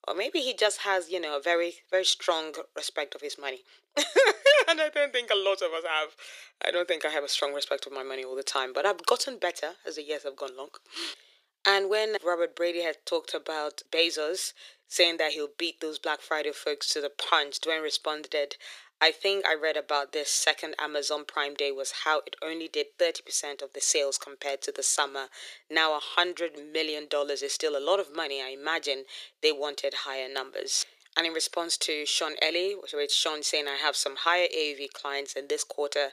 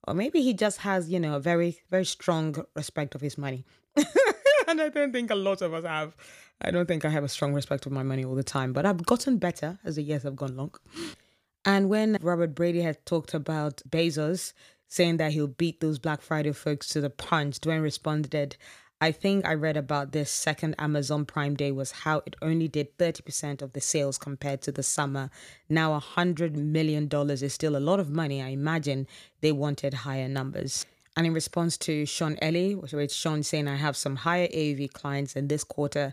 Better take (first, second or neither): second